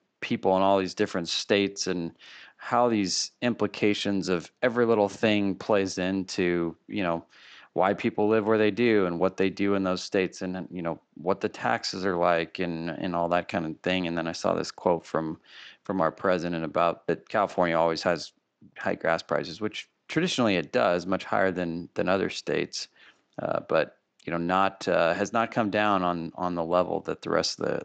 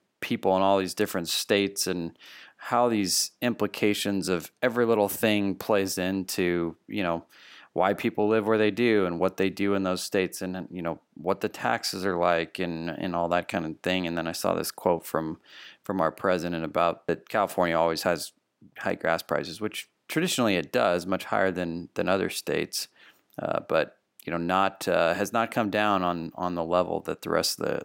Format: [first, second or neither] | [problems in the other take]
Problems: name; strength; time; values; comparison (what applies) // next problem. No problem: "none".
second | garbled, watery; slightly; nothing above 7.5 kHz